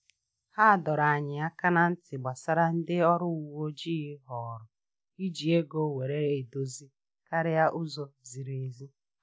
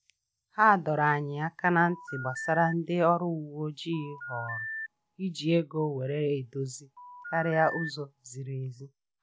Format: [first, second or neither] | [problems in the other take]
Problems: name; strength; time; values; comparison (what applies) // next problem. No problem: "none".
first | background sound (Telephone); 12 dB below the speech